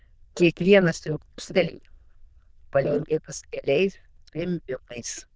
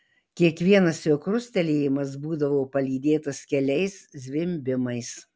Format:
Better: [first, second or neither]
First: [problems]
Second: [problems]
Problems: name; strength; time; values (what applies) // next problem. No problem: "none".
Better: second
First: noise reduction (neural diffusion model UNIVERSE++)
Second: none